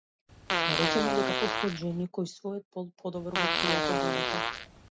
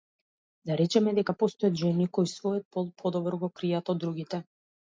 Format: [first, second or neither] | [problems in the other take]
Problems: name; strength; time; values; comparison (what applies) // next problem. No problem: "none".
second | background sound (Fart); 5 dB above the speech